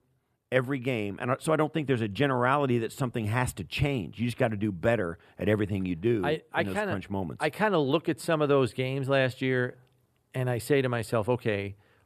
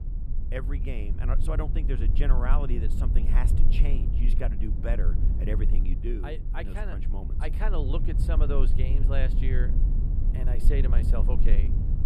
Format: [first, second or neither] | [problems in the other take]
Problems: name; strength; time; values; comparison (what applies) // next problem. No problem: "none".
first | low rumble; loud; throughout; 6 dB below the speech